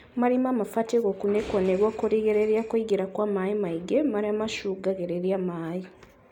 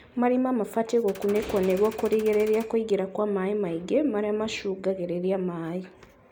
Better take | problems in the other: first | background sound (Gunshot, gunfire); 19 dB below the speech

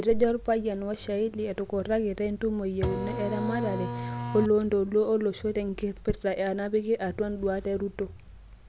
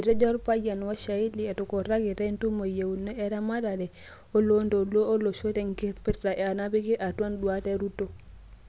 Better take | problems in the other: second | background sound (Printer); 4 dB below the speech

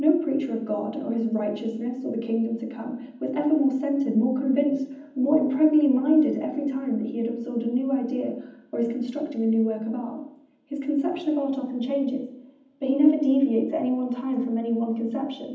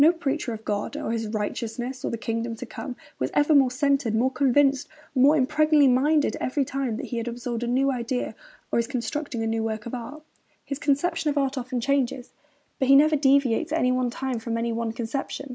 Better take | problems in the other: second | room echo; dies away in 0.8 s

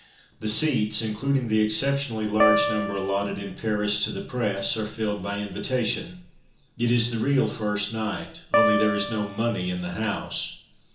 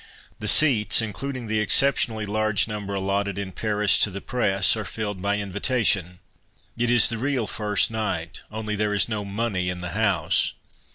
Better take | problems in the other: second | background sound (Piano); as loud as the speech // room echo; dies away in 0.7 s

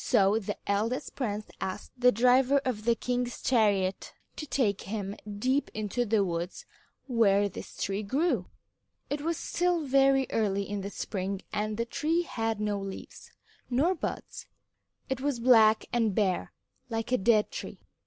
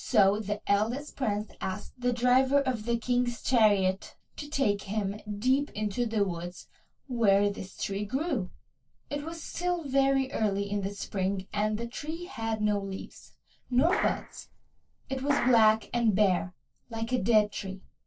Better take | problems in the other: first | noise reduction (neural separator model SepFormer DNS4)

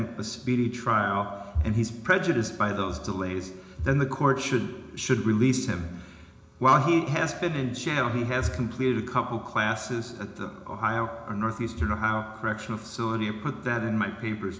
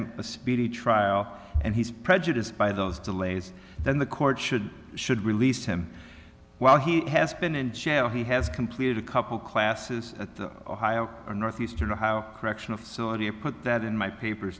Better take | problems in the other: second | room echo; dies away in 0.8 s

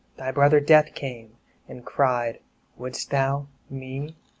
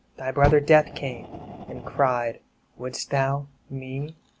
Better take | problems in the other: first | background sound (Fire); 10 dB below the speech

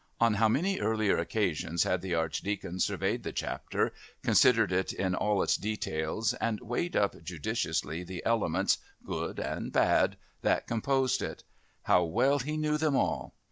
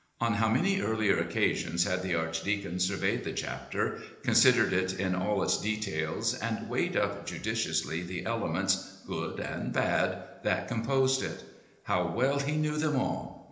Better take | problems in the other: first | room echo; dies away in 1 s

